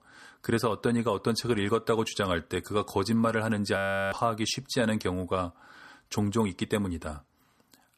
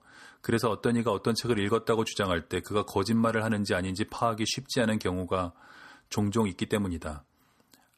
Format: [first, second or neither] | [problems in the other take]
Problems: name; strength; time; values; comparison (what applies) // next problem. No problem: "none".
second | audio freezing; at 4 s